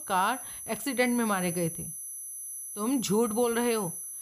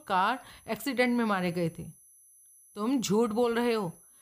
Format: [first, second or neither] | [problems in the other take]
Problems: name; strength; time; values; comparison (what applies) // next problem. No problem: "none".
second | high-pitched whine; loud; throughout; 11 kHz, 7 dB below the speech; faint in the second